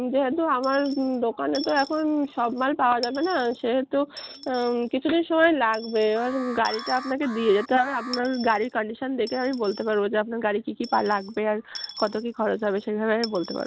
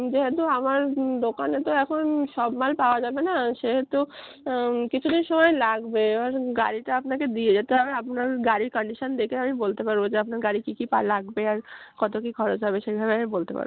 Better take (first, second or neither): second